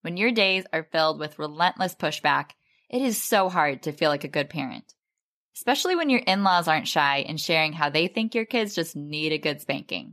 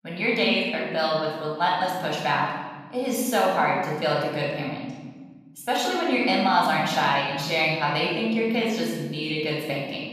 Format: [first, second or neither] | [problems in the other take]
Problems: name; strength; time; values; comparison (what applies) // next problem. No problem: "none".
first | off-mic speech; far // room echo; noticeable; dies away in 1.5 s